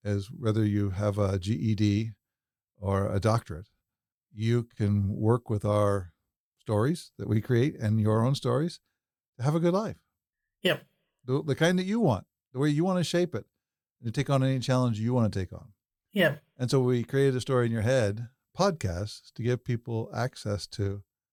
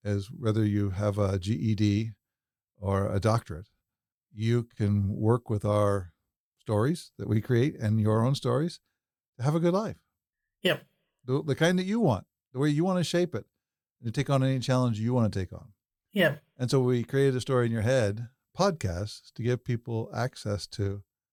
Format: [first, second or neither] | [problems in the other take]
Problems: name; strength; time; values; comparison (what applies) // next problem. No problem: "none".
neither | none